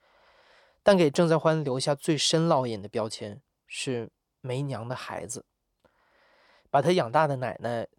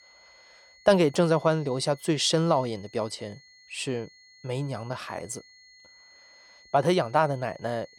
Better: first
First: none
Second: high-pitched whine; faint; throughout; 2 kHz, 25 dB below the speech

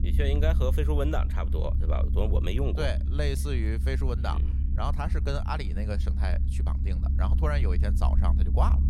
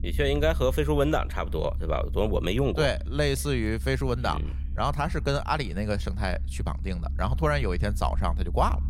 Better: second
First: low rumble; loud; throughout; 10 dB below the speech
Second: low rumble; faint; throughout; 20 dB below the speech

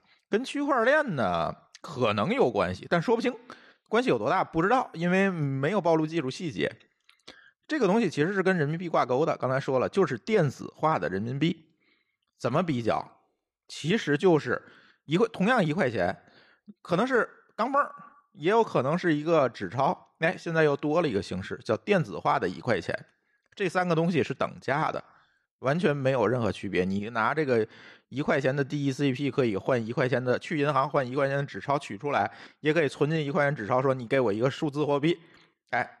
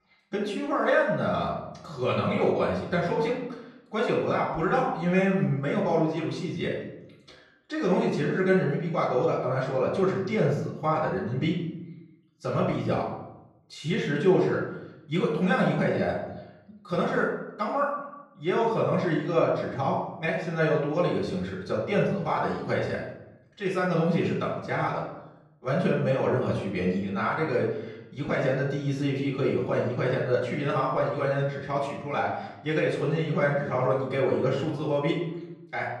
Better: first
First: none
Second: off-mic speech; far // room echo; noticeable; dies away in 0.7 s

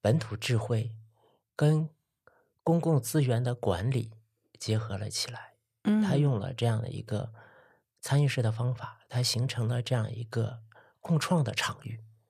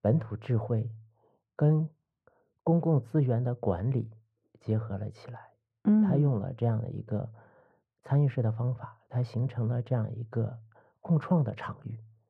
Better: first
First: none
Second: muffled; very; fading above 2.5 kHz

